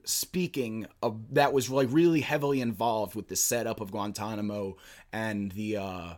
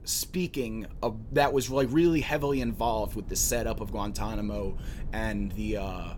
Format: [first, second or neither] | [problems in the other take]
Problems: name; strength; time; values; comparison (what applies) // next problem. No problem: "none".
first | low rumble; faint; throughout; 25 dB below the speech